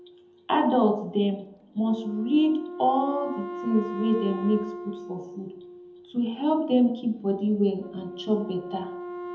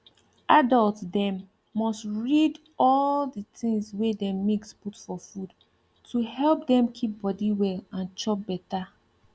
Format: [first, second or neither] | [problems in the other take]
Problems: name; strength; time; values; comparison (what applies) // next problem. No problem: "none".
second | background sound (Wind instrument, woodwind instrument); 12 dB below the speech // room echo; dies away in 0.8 s